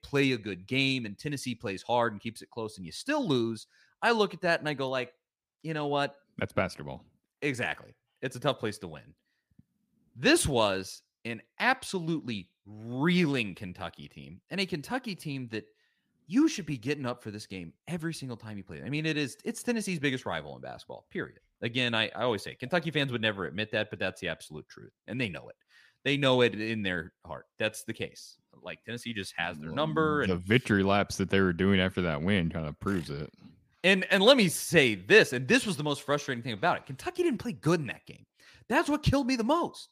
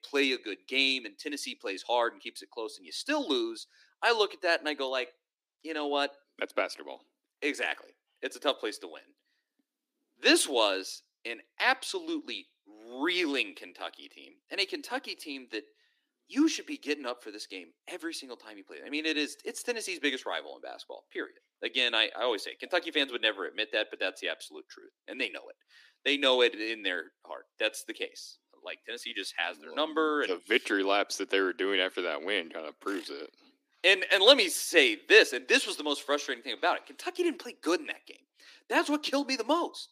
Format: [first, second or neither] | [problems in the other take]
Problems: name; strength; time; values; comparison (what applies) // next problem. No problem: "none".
first | thin; somewhat; fading below 300 Hz